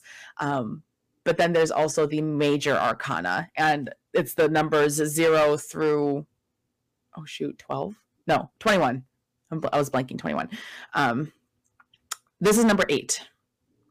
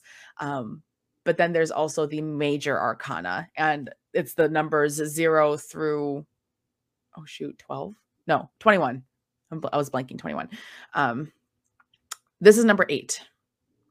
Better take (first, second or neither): second